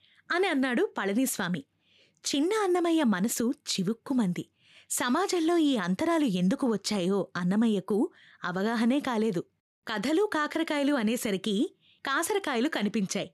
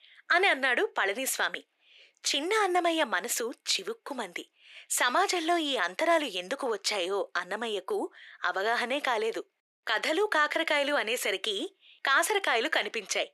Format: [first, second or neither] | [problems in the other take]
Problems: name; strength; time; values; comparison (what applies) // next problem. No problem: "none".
first | thin; very; fading below 400 Hz